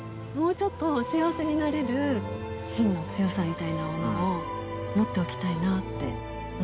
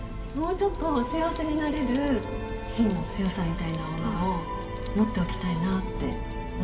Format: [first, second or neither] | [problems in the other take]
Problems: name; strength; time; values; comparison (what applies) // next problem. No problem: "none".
first | background sound (Fire); 8 dB below the speech // room echo; dies away in 2.1 s